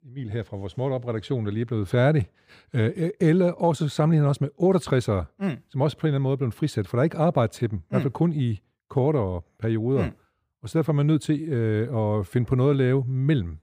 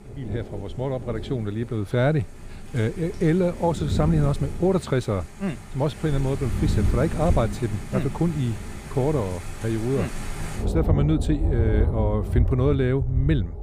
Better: first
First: none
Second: rain or running water; loud; throughout; 4 dB below the speech

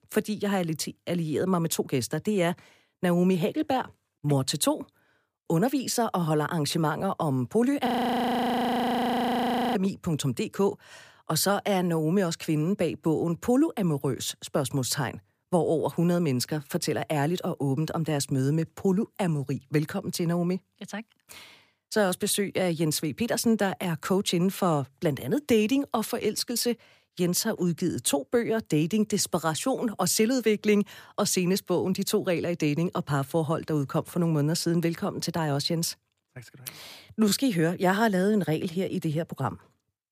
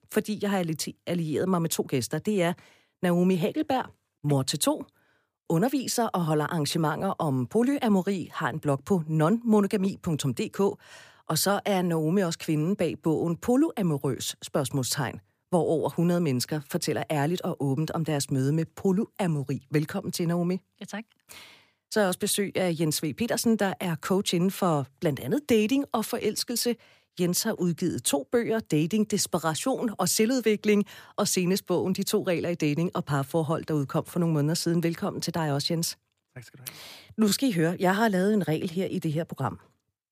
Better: second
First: audio freezing; at 8 s for 2 s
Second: none

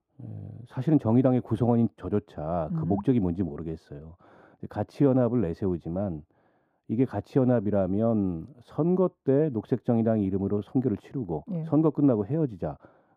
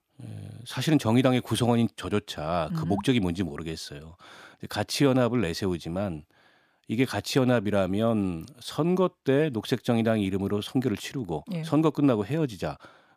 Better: second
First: muffled; very; fading above 1.5 kHz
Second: none

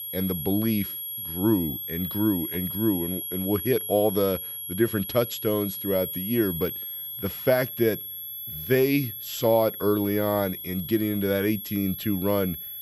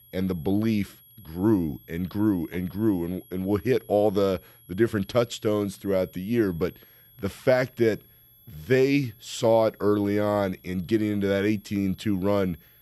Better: second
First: high-pitched whine; loud; throughout; 11.5 kHz, 6 dB below the speech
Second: high-pitched whine; faint; throughout; 11.5 kHz, 25 dB below the speech

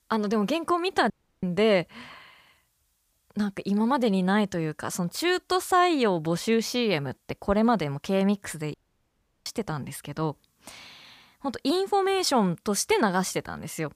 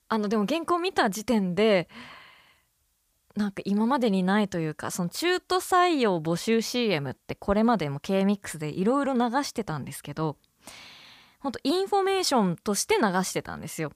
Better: second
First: audio cutting out; at 1 s and at 8.5 s for 0.5 s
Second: none

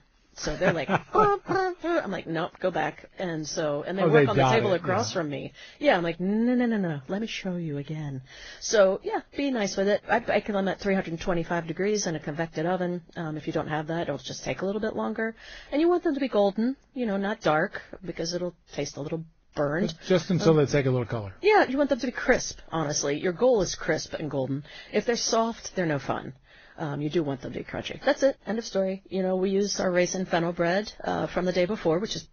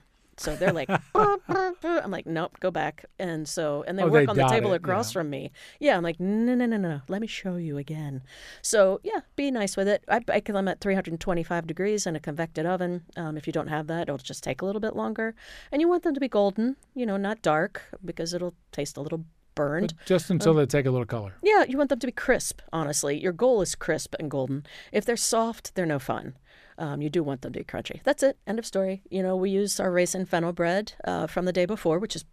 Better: second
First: garbled, watery; badly; nothing above 6.5 kHz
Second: none

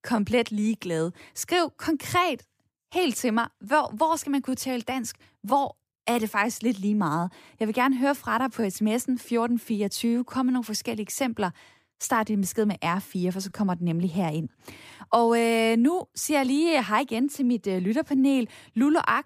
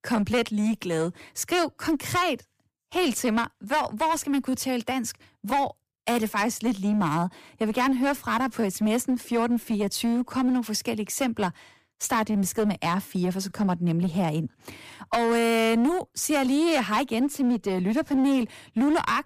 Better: first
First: none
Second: distortion; slight; 12% of the sound clipped

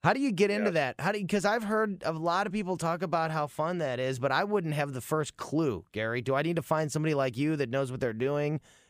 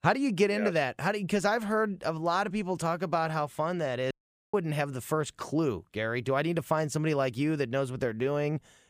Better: first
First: none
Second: audio cutting out; at 4 s

